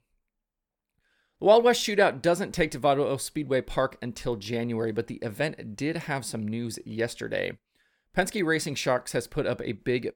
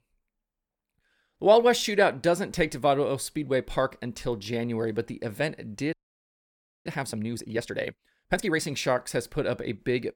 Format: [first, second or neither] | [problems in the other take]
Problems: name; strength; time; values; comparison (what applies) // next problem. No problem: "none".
first | audio freezing; at 6 s for 1 s